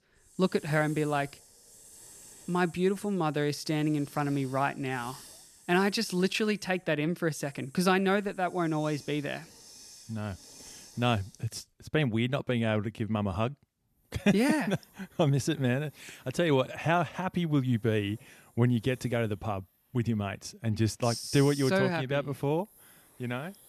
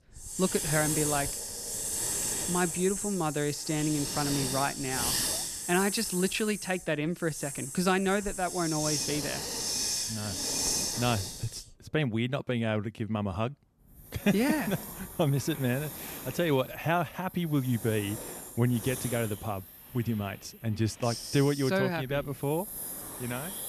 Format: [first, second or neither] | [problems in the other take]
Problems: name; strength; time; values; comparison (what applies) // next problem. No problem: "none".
first | hiss; loud; throughout; 2 dB below the speech; faint in the first